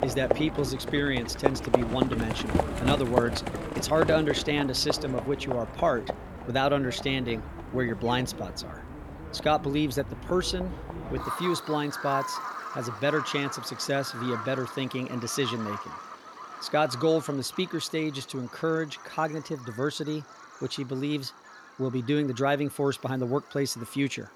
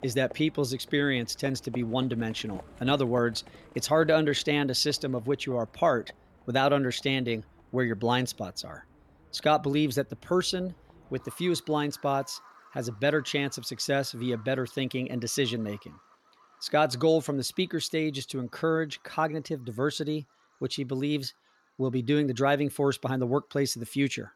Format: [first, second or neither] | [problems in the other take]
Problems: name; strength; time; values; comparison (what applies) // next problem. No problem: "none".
second | animal sounds; loud; throughout; 5 dB below the speech; faint in the second